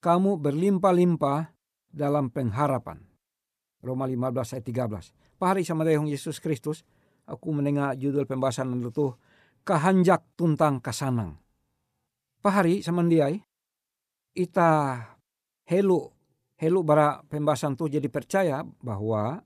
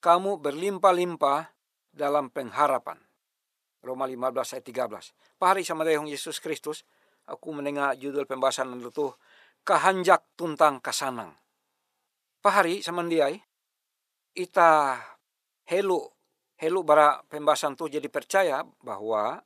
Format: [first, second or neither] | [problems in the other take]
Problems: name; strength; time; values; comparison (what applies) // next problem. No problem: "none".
first | thin; very; fading below 550 Hz